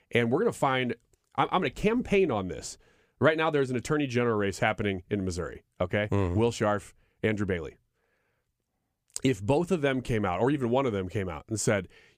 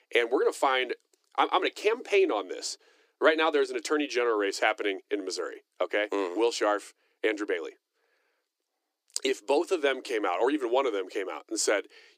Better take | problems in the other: first | thin; somewhat; fading below 300 Hz

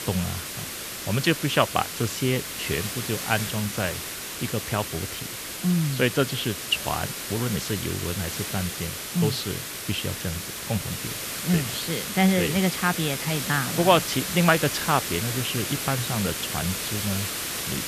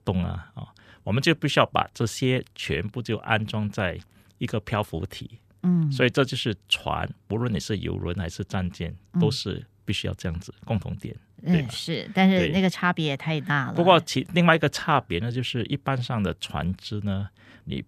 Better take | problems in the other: second | hiss; loud; throughout; 4 dB below the speech

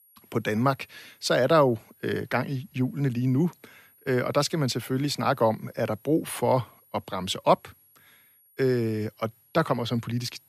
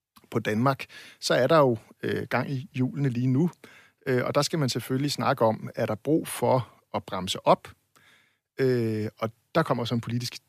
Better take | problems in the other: second | high-pitched whine; faint; throughout; 11.5 kHz, 30 dB below the speech

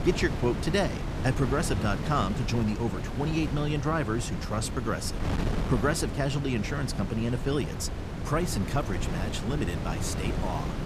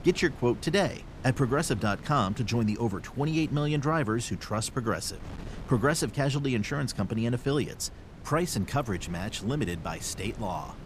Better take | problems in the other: second | wind noise on the microphone; heavy; 6 dB below the speech; occasional gusts in the second

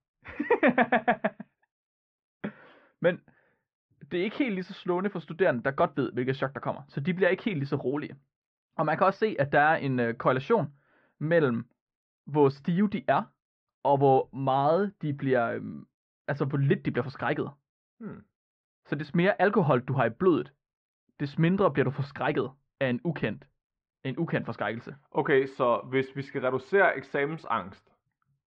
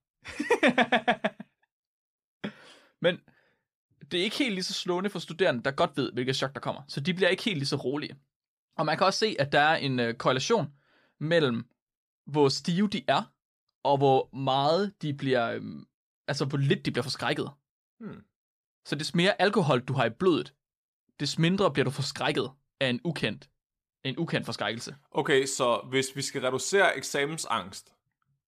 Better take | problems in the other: second | muffled; very; fading above 2 kHz

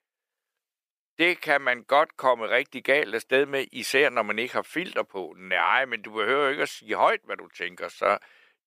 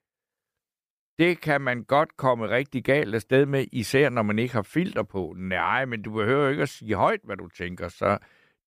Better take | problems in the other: second | thin; somewhat; fading below 450 Hz

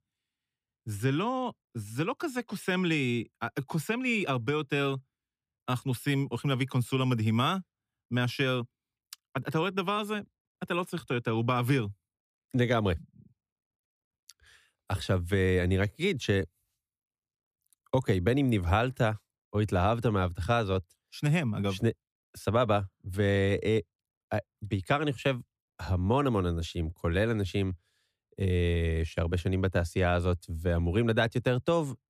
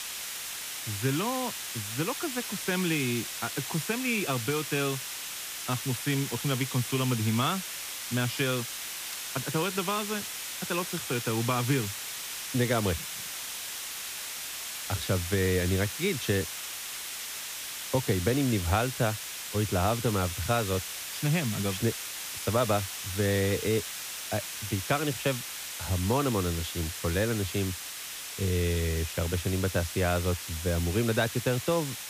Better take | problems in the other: first | hiss; loud; throughout; 5 dB below the speech

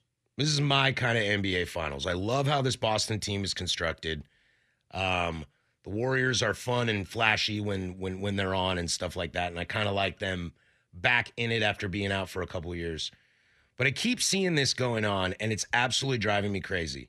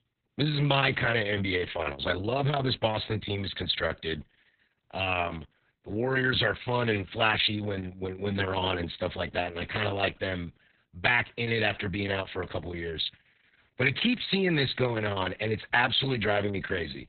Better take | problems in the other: first | garbled, watery; badly; nothing above 4 kHz

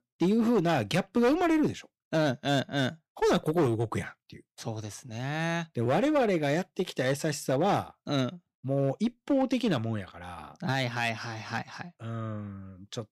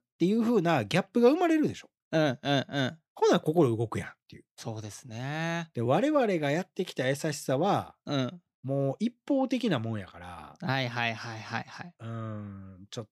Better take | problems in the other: second | distortion; slight; 5% of the sound clipped

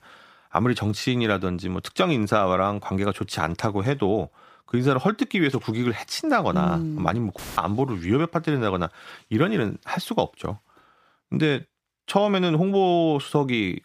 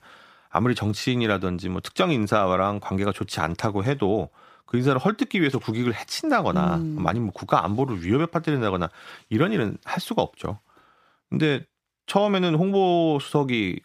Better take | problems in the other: second | audio cutting out; filled with static; at 7.5 s

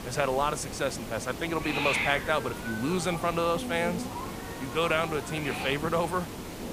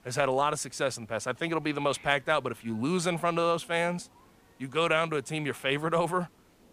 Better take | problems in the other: second | hiss; loud; throughout; 5 dB below the speech; faint in the second

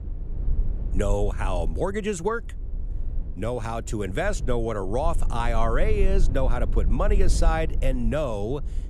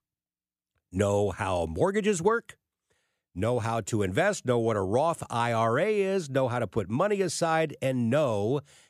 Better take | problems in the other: second | low rumble; noticeable; throughout; 20 dB below the speech

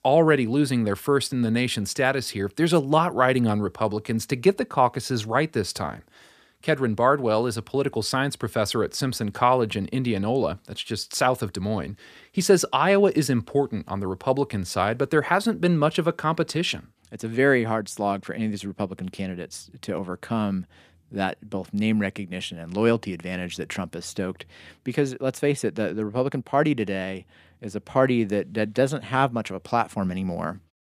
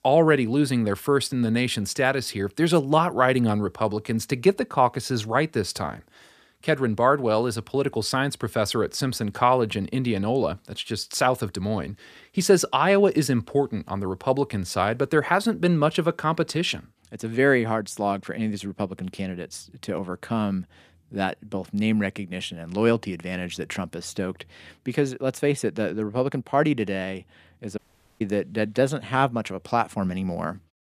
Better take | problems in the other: first | audio cutting out; at 28 s

